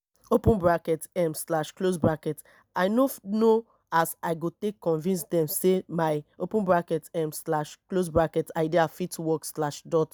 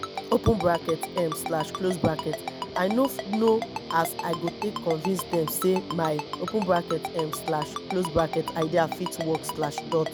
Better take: first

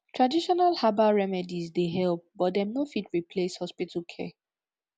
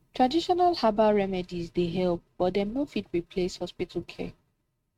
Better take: first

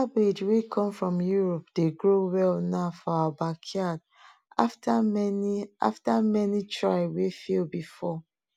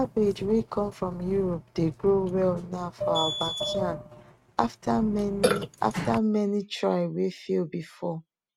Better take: first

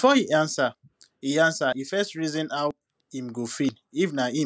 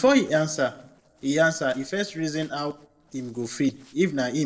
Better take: first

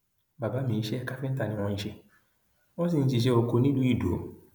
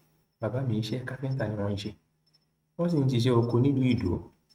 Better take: first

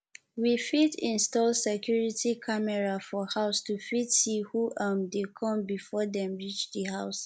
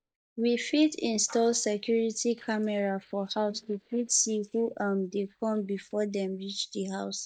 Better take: first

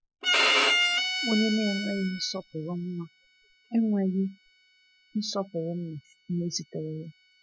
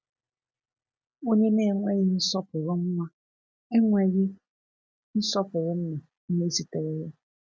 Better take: second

